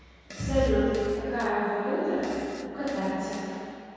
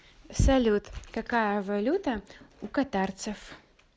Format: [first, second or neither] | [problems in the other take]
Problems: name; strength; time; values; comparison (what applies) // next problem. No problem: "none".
second | background sound (Fart); 18 dB below the speech // room echo; dies away in 2.2 s